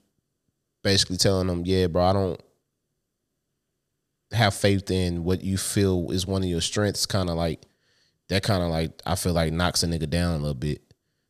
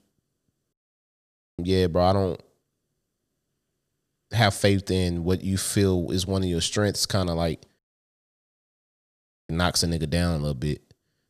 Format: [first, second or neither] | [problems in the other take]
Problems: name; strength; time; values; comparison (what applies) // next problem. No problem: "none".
first | audio cutting out; at 0.5 s for 1 s and at 8 s for 1.5 s